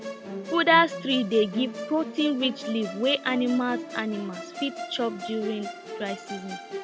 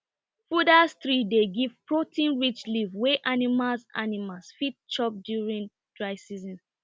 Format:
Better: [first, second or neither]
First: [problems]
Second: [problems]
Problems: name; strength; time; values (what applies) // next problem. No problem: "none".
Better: second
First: background sound (Musical instrument); 10 dB below the speech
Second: none